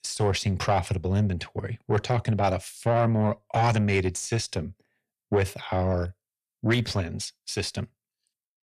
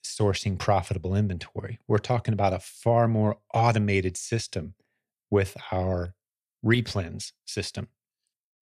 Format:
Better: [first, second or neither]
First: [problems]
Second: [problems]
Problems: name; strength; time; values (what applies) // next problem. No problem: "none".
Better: second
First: distortion; slight; 10 dB below the speech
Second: none